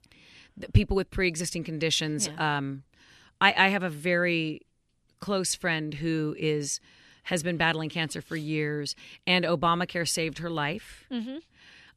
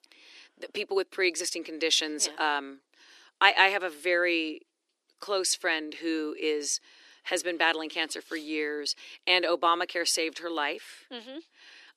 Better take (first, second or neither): first